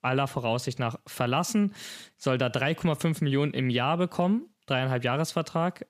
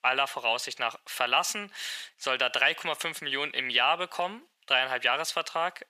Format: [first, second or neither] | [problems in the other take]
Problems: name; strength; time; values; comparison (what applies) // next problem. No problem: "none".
first | thin; very; fading below 750 Hz